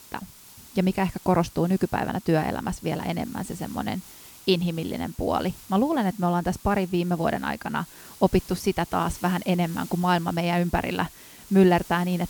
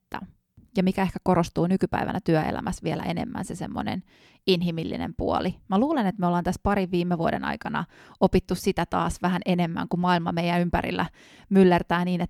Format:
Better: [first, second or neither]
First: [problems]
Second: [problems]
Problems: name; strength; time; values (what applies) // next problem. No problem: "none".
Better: second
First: hiss; noticeable; throughout; 20 dB below the speech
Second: none